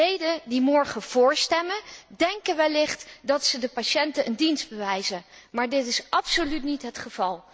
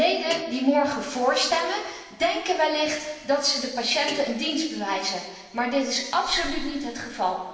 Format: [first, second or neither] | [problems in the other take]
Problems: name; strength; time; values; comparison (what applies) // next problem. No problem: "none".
first | background sound (Guitar); 19 dB below the speech // room echo; dies away in 1.4 s